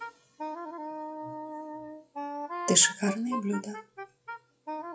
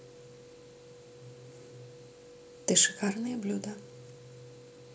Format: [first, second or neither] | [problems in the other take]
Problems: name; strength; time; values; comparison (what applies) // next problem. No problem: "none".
second | noise reduction (classical method log-MMSE)